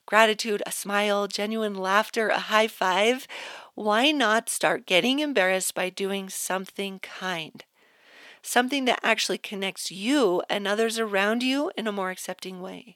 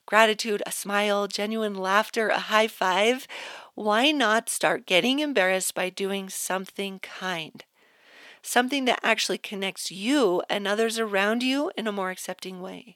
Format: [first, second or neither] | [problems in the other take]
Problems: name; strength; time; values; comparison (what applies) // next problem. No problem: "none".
neither | thin; somewhat; fading below 450 Hz; the same in both